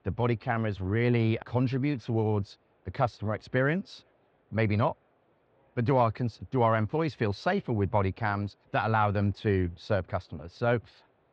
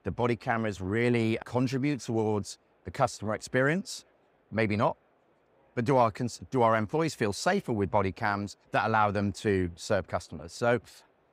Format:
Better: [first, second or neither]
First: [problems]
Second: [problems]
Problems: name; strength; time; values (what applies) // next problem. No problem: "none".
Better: second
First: muffled; very slightly; fading above 4 kHz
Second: none